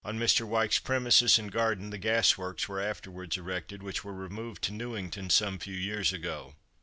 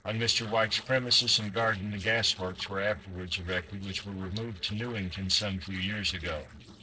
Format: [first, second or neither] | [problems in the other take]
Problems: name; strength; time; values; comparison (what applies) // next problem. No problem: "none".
first | noise reduction (neural separator model SepFormer DNS4)